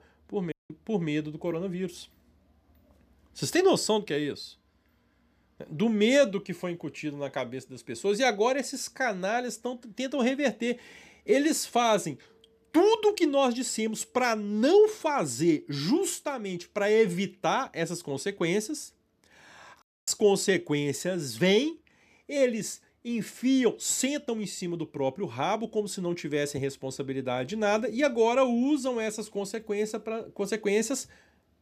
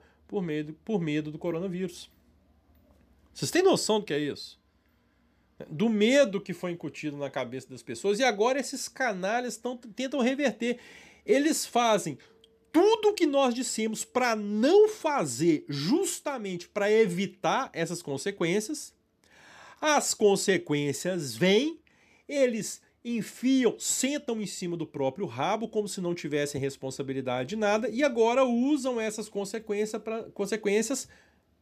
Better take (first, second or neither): second